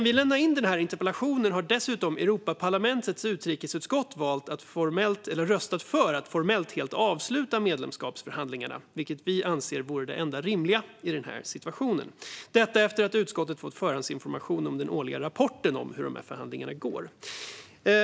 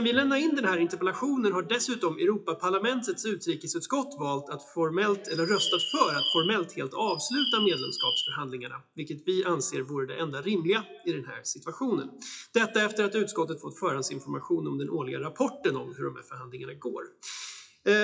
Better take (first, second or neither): first